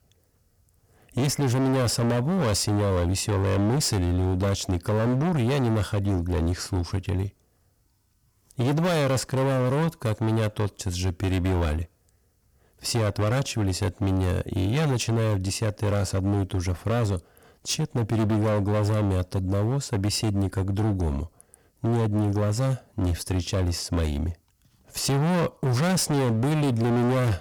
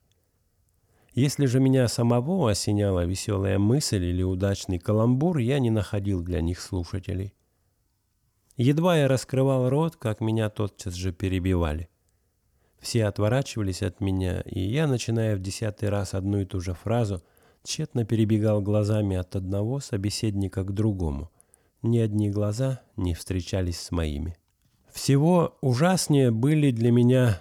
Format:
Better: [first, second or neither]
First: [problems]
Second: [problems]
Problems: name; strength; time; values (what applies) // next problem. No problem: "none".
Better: second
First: distortion; heavy; 26% of the sound clipped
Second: none